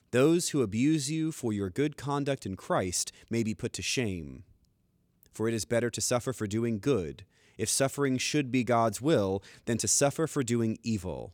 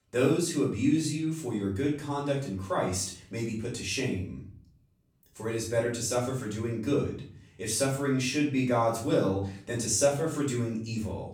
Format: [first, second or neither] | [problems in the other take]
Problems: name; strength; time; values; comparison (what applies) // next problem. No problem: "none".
first | off-mic speech; far // room echo; slight; dies away in 0.4 s